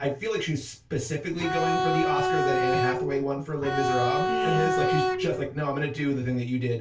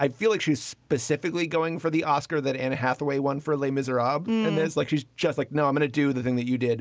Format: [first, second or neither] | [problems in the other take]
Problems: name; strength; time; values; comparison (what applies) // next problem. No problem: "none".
second | background sound (Bowed string instrument); 3 dB above the speech // room echo; dies away in 0.2 s